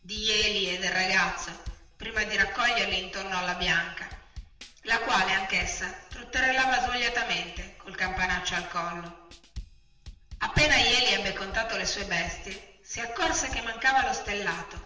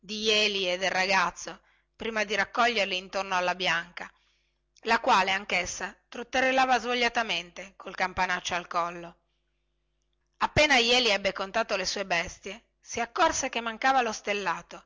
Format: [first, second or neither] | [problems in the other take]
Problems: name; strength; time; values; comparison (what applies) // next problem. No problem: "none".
second | background sound (Drum / Drum kit); 17 dB below the speech // room echo; dies away in 0.8 s